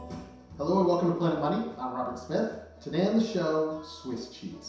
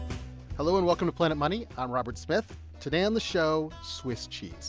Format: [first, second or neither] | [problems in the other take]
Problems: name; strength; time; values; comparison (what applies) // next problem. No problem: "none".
second | room echo; dies away in 0.7 s